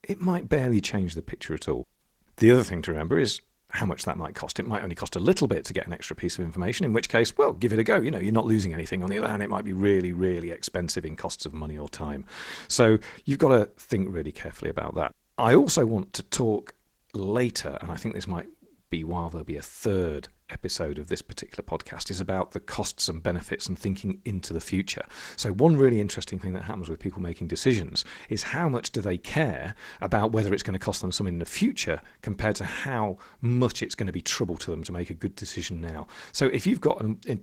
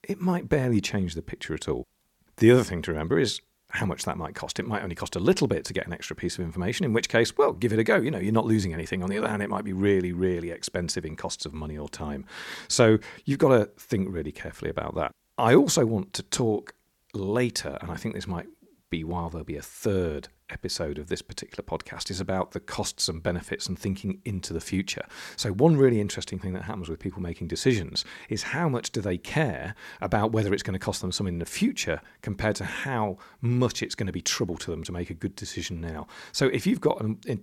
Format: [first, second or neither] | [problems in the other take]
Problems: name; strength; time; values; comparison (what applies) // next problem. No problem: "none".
second | garbled, watery; slightly; nothing above 17.5 kHz